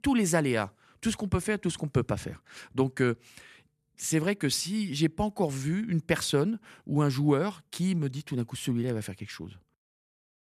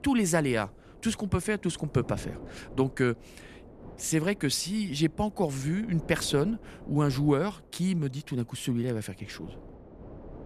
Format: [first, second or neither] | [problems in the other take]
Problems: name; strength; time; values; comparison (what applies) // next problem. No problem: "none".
first | wind noise on the microphone; occasional gusts; 20 dB below the speech